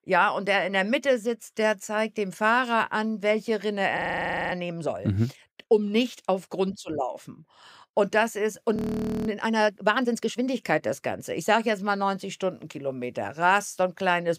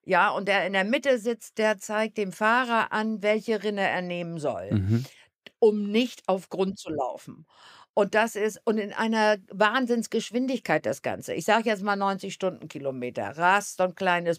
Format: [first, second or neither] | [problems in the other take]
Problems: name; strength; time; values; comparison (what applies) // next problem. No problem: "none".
second | audio freezing; at 4 s for 0.5 s and at 9 s for 0.5 s